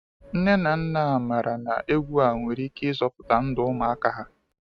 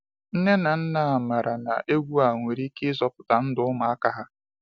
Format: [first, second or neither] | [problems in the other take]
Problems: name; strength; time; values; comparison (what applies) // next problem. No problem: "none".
second | noise reduction (neural mask model RNNoise)